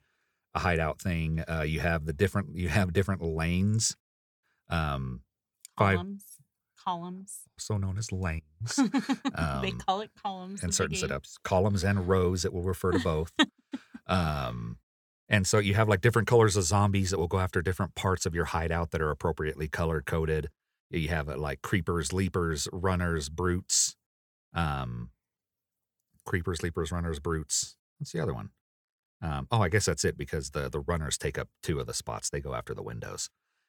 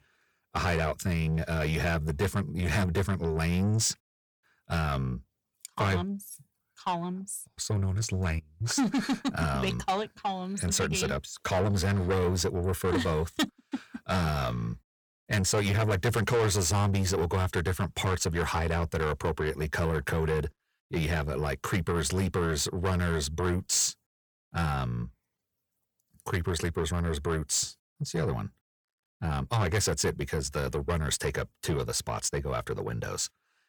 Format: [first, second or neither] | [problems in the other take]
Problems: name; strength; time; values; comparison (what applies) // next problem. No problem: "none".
first | distortion; heavy; 7 dB below the speech